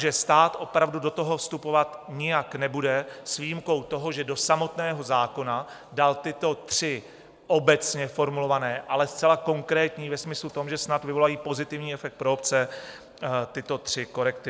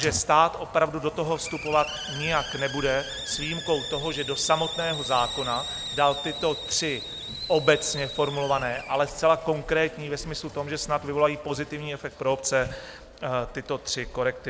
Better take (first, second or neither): first